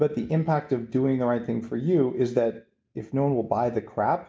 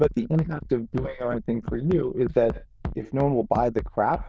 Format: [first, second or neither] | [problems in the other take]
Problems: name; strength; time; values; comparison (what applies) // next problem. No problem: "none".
first | noise reduction (neural diffusion model UNIVERSE++)